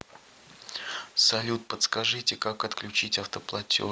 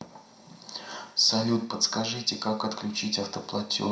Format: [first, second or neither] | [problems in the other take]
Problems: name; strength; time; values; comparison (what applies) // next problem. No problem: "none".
first | room echo; dies away in 0.5 s